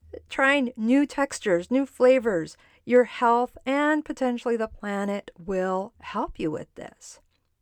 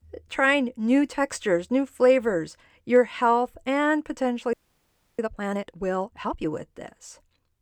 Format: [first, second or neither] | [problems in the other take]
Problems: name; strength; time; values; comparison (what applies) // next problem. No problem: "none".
first | audio freezing; at 4.5 s for 0.5 s